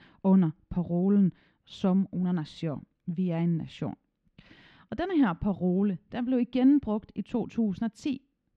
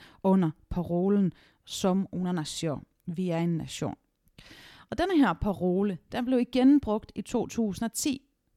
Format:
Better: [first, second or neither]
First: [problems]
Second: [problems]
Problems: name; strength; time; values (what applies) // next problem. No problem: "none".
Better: second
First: muffled; slightly; fading above 3 kHz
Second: none